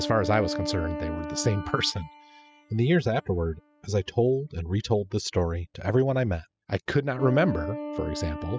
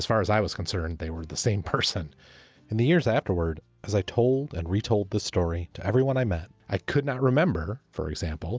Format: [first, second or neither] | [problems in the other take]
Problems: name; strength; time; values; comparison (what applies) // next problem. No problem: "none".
second | noise reduction (classical method spectral subtraction)